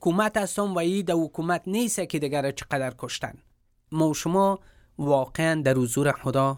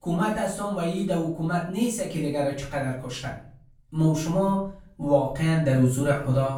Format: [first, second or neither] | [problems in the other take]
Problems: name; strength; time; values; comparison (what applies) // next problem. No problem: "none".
first | off-mic speech; far // room echo; noticeable; dies away in 0.5 s